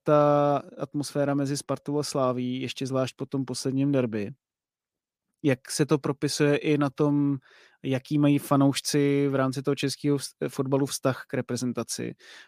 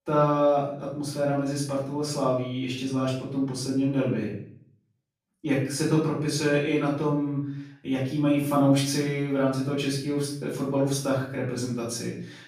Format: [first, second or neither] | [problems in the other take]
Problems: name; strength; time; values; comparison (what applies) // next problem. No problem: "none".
first | off-mic speech; far // room echo; noticeable; dies away in 0.5 s